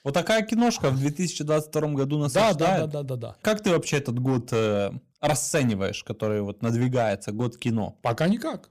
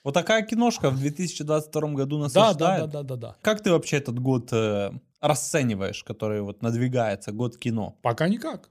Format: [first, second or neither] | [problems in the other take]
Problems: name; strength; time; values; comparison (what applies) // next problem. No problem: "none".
second | distortion; slight; 6% of the sound clipped